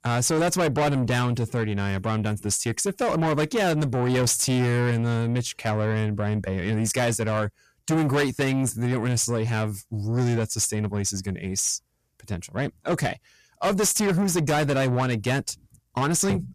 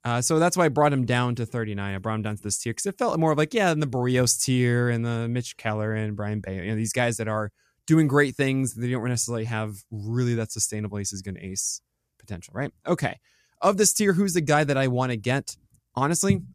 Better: second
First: distortion; heavy; 7 dB below the speech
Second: none

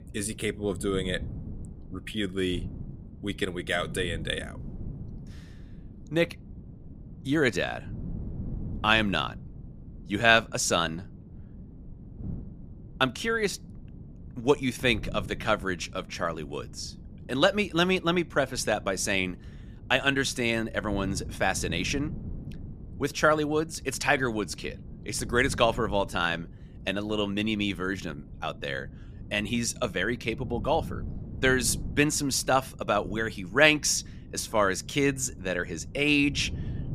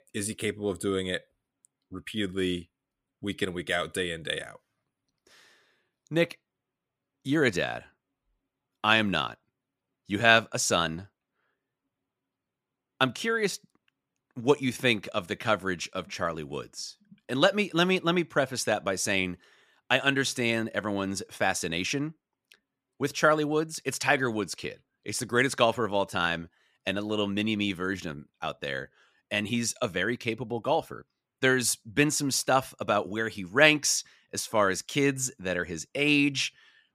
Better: second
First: wind noise on the microphone; occasional gusts; 25 dB below the speech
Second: none

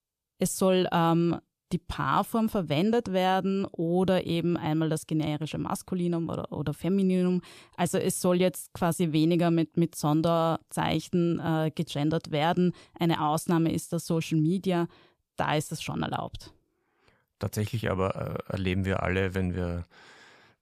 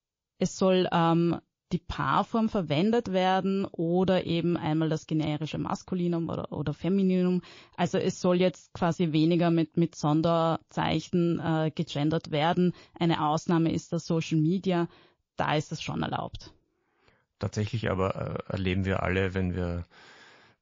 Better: first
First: none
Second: garbled, watery; slightly; nothing above 6.5 kHz

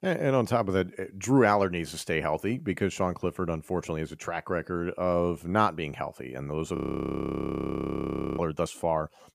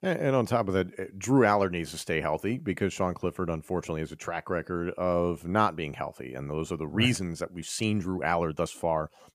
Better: second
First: audio freezing; at 7 s for 1.5 s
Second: none

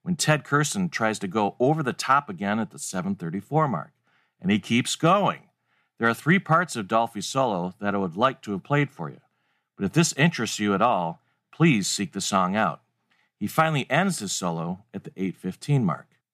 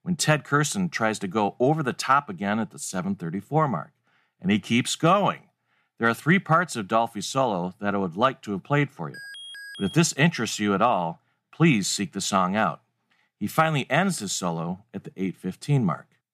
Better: first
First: none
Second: alarm; faint; at 9 s; peak 15 dB below the speech

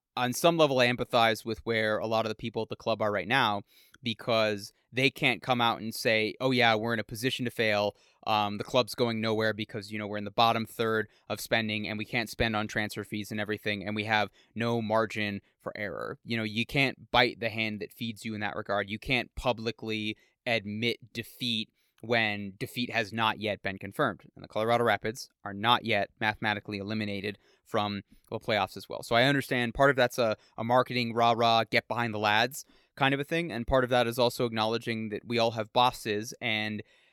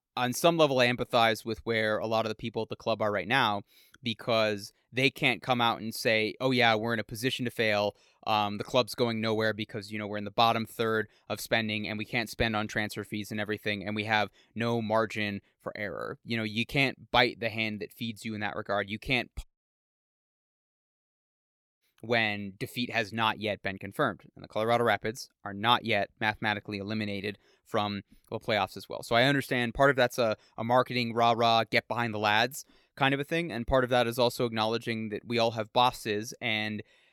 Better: first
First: none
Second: audio cutting out; at 19 s for 2.5 s

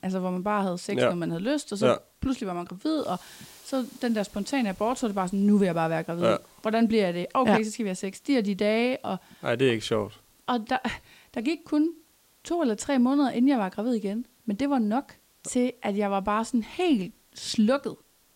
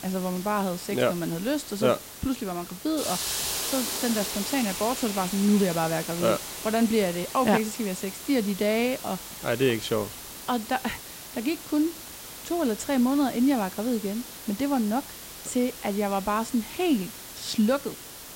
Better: first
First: hiss; faint; throughout; 30 dB below the speech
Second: hiss; loud; throughout; 8 dB below the speech

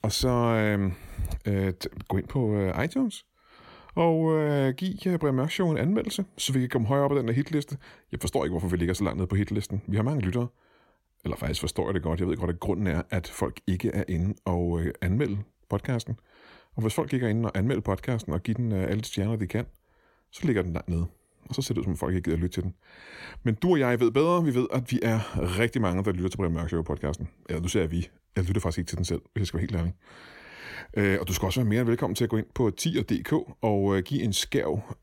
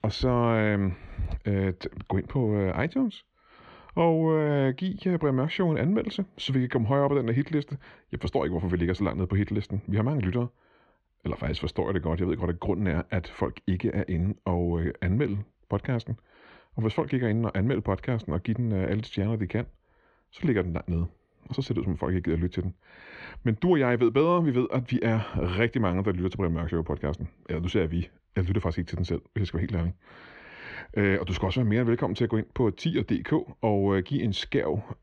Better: first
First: none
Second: muffled; slightly; fading above 3.5 kHz

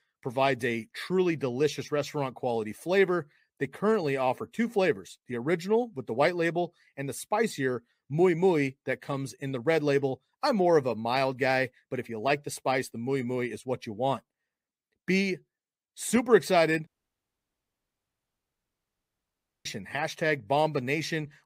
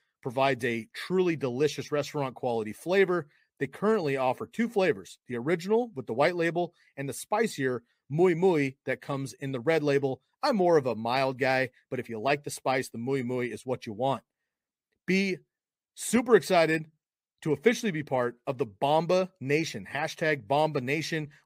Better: second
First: audio cutting out; at 17 s for 3 s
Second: none

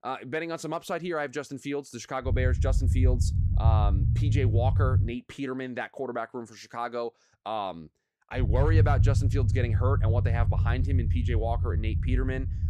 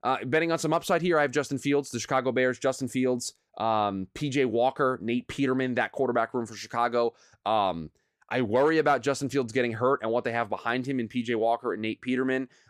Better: second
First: low rumble; loud; from 2.5 to 5 s and from 8.5 s on; 8 dB below the speech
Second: none

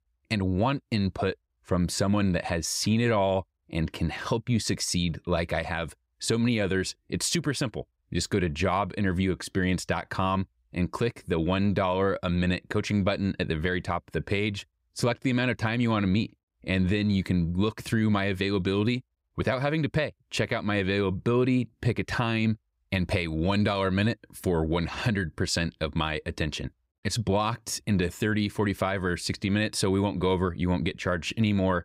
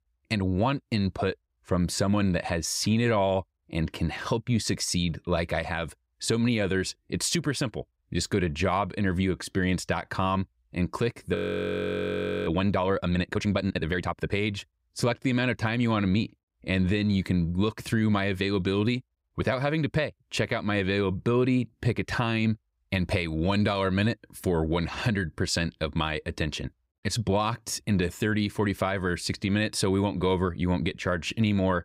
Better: first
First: none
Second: audio freezing; at 11 s for 1 s

